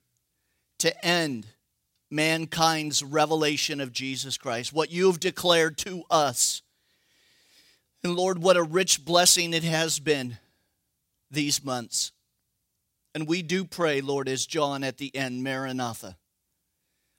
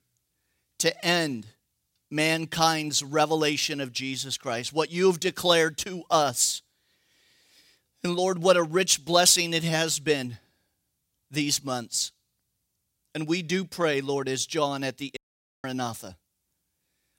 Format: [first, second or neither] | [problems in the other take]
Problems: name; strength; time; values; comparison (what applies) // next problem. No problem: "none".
first | audio cutting out; at 15 s